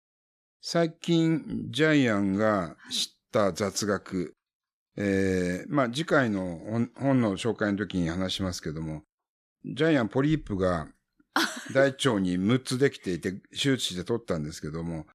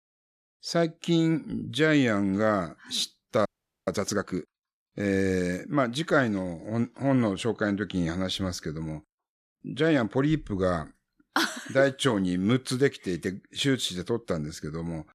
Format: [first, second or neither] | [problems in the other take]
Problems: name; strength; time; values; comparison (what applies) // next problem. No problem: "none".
first | audio freezing; at 3.5 s